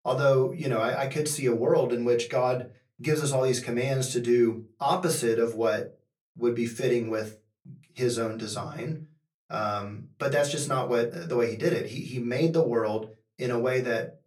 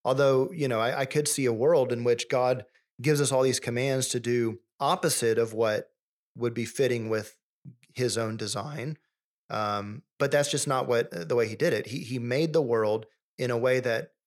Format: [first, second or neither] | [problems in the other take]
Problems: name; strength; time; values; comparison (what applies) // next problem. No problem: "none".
second | off-mic speech; far // room echo; very slight; dies away in 0.2 s